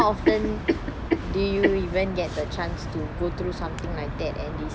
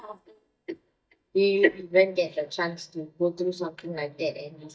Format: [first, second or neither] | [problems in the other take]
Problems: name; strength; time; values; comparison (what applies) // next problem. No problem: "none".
first | noise reduction (neural mask model DeepFilterNet 3)